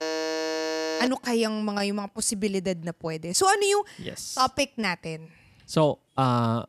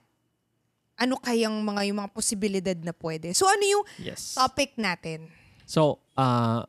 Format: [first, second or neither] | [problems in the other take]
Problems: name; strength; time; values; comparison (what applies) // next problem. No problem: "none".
second | alarm; noticeable; until 1 s; peak 2 dB below the speech